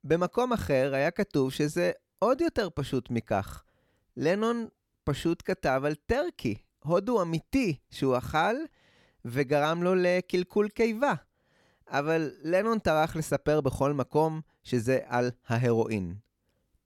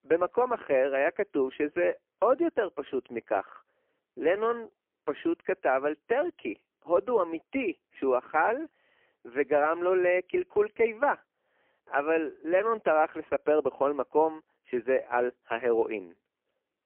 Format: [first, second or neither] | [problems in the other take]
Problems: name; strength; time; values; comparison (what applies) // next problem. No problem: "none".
first | phone-call audio; poor line